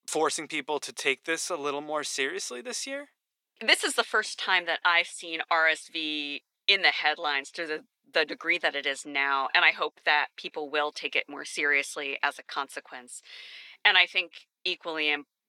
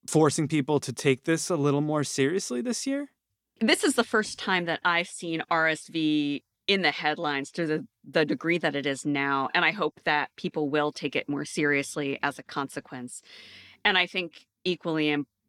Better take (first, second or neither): second